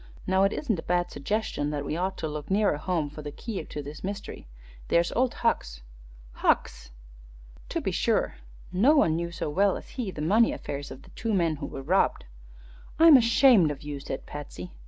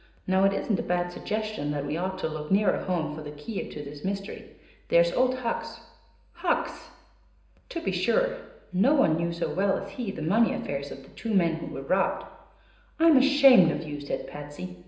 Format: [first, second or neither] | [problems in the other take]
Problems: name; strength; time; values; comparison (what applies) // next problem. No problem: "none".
first | room echo; dies away in 0.9 s